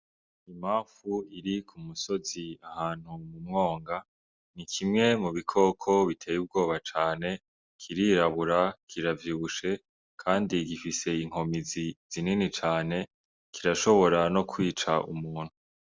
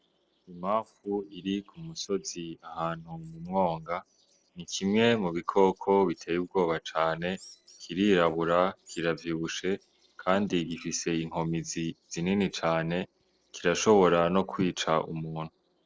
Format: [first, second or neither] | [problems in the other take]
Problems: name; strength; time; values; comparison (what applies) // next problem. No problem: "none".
first | noise reduction (neural separator model SepFormer DNS4)